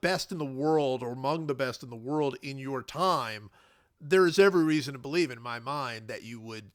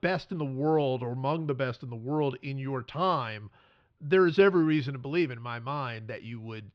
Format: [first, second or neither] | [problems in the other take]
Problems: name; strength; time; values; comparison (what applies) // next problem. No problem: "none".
first | muffled; slightly; fading above 3.5 kHz